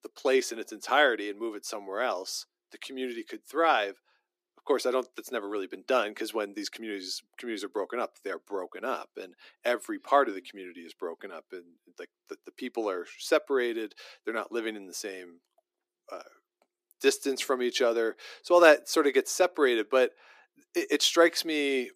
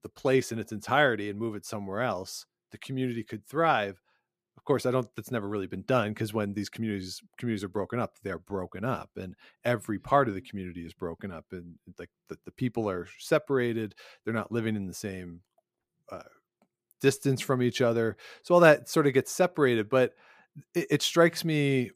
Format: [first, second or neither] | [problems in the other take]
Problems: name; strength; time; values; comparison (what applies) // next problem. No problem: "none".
second | thin; somewhat; fading below 300 Hz